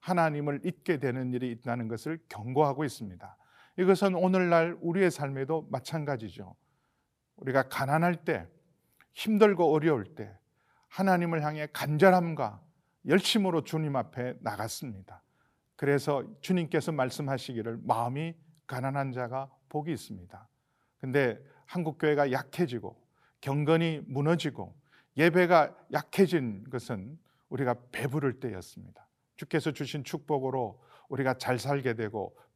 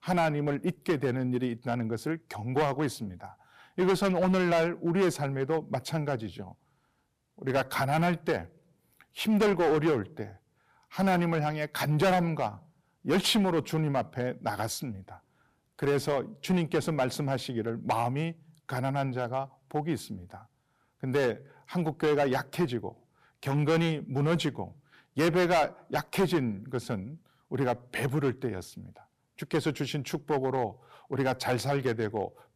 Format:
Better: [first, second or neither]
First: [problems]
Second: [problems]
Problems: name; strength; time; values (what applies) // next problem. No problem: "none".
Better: first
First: none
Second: distortion; heavy; 6% of the sound clipped